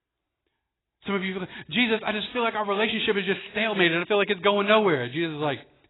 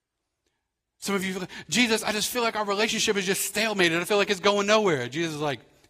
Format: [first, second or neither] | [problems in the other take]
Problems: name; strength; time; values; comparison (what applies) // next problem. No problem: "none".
second | garbled, watery; badly; nothing above 4 kHz; slightly in the second